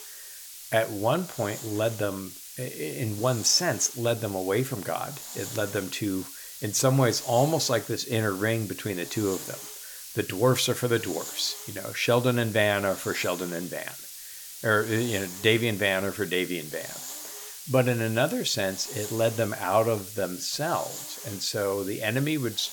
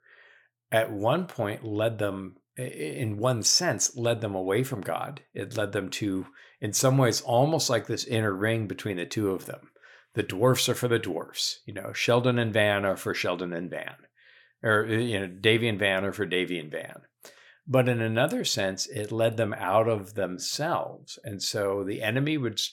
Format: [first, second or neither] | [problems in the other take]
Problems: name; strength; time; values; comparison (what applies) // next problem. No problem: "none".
second | hiss; noticeable; throughout; 10 dB below the speech